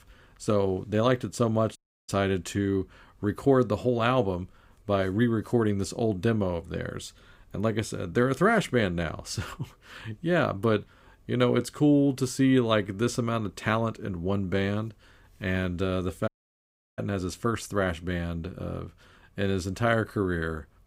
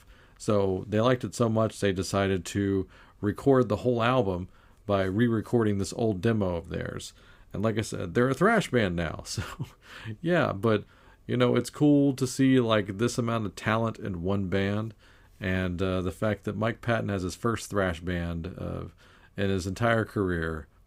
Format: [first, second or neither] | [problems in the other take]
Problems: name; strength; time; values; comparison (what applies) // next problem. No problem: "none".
second | audio cutting out; at 2 s and at 16 s for 0.5 s